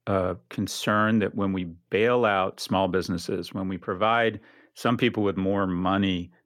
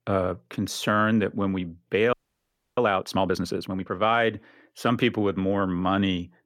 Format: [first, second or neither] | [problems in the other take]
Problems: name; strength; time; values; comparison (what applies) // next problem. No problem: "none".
first | audio freezing; at 2 s for 0.5 s